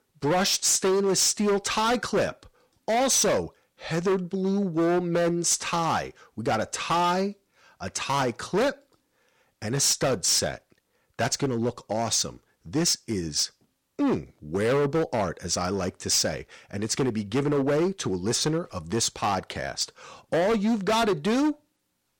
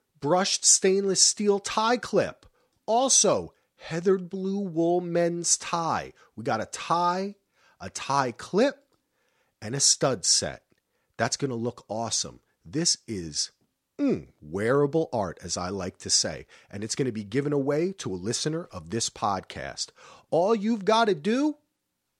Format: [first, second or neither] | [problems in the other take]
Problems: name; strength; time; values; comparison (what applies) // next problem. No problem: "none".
second | distortion; heavy; 13% of the sound clipped